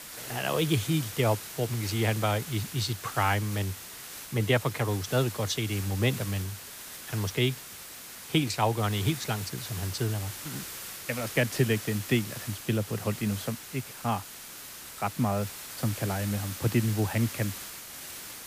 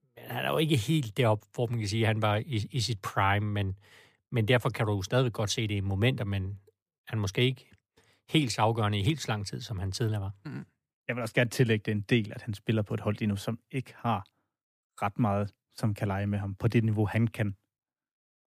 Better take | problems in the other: second | hiss; loud; throughout; 9 dB below the speech

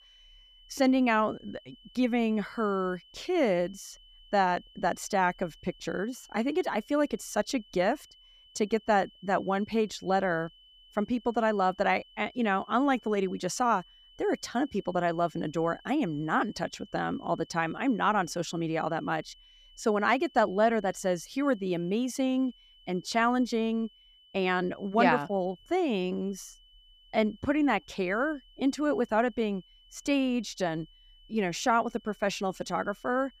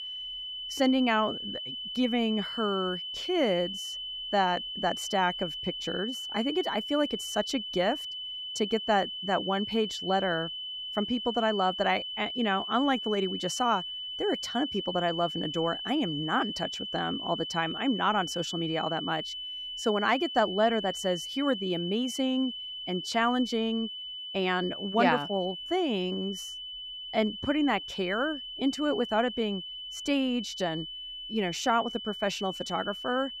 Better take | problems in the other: first | high-pitched whine; loud; throughout; 3 kHz, 6 dB below the speech; faint in the first

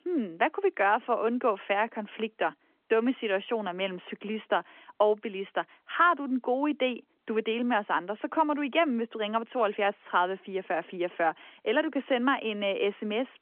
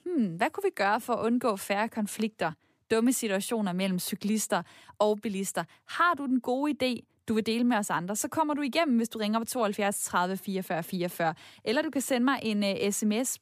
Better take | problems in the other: second | phone-call audio; nothing above 3 kHz

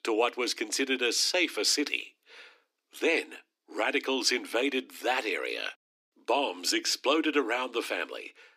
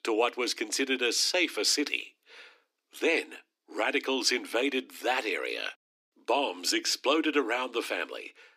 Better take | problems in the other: neither | thin; somewhat; fading below 250 Hz; the same in both

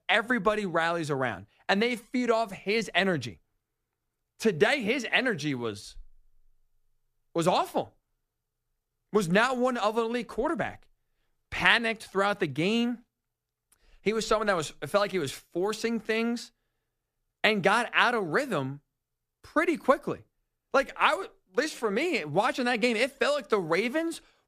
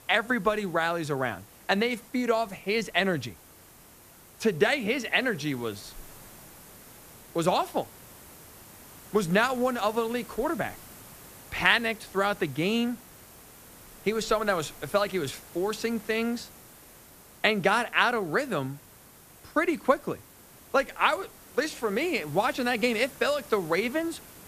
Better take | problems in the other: first | hiss; faint; throughout; 20 dB below the speech

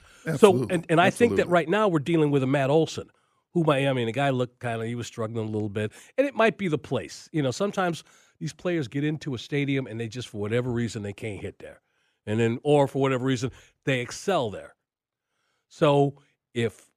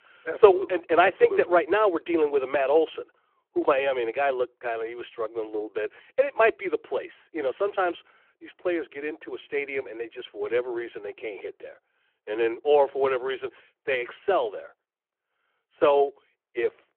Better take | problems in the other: first | phone-call audio

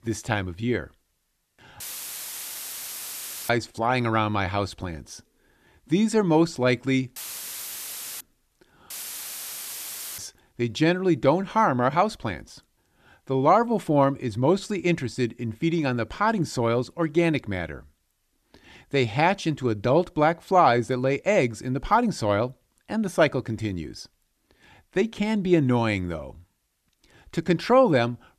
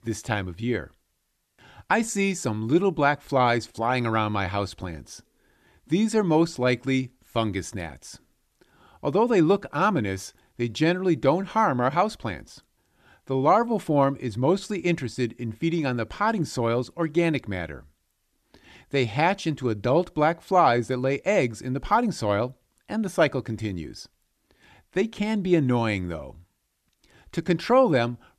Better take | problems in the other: second | audio cutting out; filled with static; at 2 s for 1.5 s, at 7 s for 1 s and at 9 s for 1.5 s

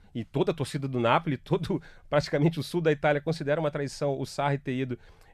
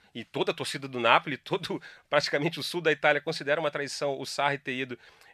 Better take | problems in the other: first | thin; somewhat; fading below 600 Hz

